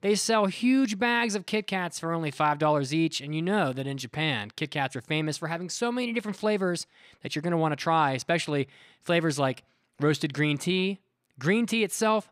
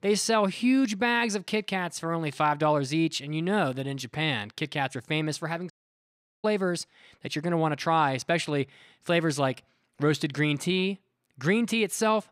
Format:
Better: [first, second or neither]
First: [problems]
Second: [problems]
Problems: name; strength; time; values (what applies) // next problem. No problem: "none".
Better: first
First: none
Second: audio cutting out; at 5.5 s for 0.5 s